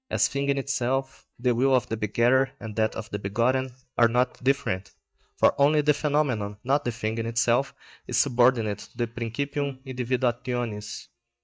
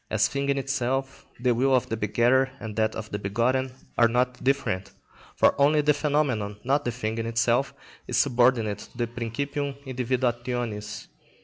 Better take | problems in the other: second | noise reduction (neural mask model DeepFilterNet 3)

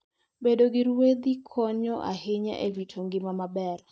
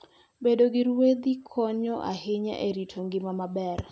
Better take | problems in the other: second | noise reduction (neural mask model DeepFilterNet 3)

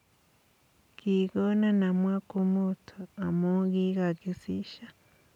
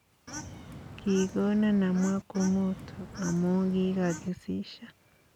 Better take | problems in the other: first | background sound (Bird / Fowl); 13 dB below the speech

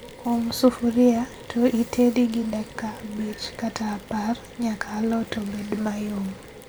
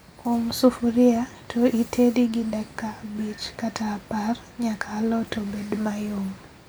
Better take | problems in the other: second | background sound (Mechanisms); 20 dB below the speech

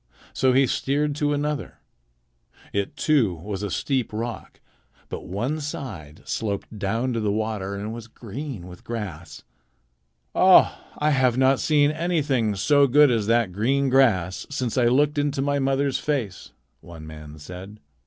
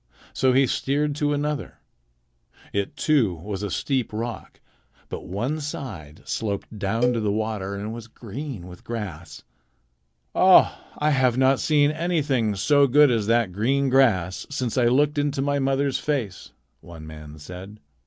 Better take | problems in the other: first | background sound (Cowbell); 9 dB below the speech

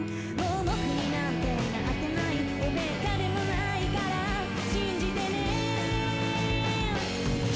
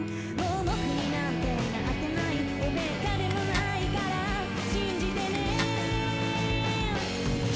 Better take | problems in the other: first | background sound (Zipper (clothing)); 13 dB below the speech

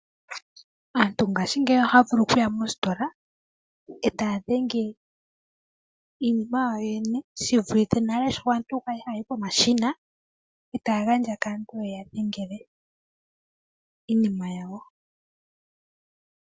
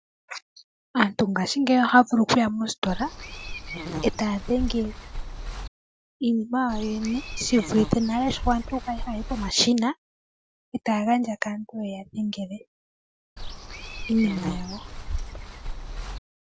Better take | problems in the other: first | background sound (Walk, footsteps / Insect); 7 dB below the speech

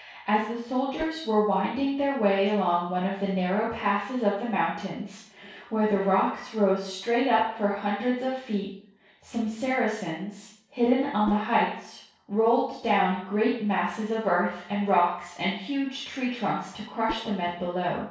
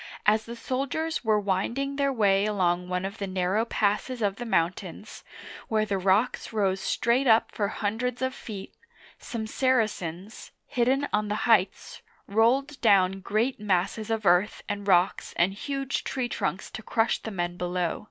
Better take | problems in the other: second | noise reduction (neural separator model SepFormer DNS4)

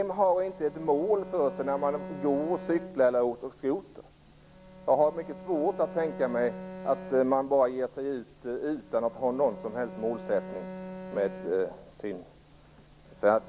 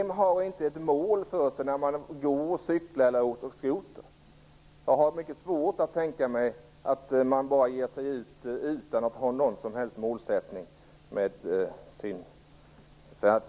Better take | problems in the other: second | background sound (Bowed string instrument); 15 dB below the speech

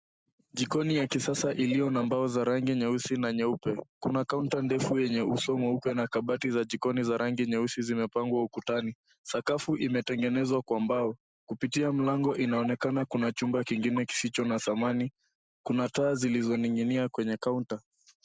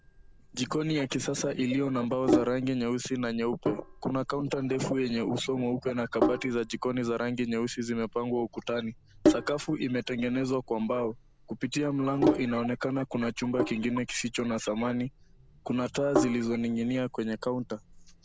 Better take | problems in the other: first | background sound (Sink (filling or washing)); 5 dB below the speech

